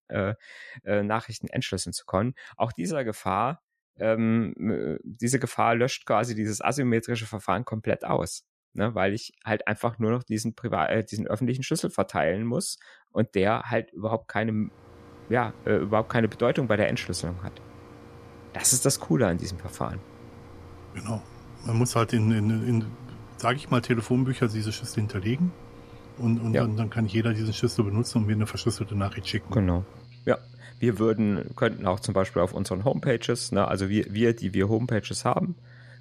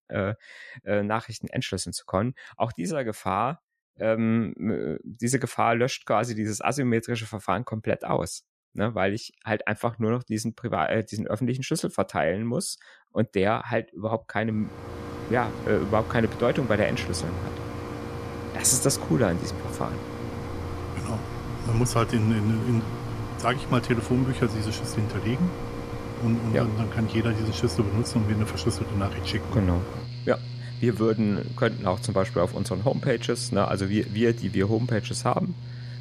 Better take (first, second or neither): first